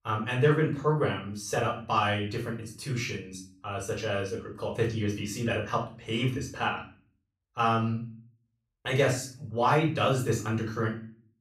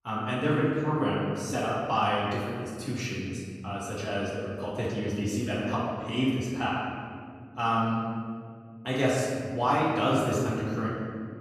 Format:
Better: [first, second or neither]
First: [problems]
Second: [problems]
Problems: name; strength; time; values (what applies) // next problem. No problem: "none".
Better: first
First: room echo; slight; dies away in 0.4 s // off-mic speech; far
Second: room echo; strong; dies away in 2 s // off-mic speech; far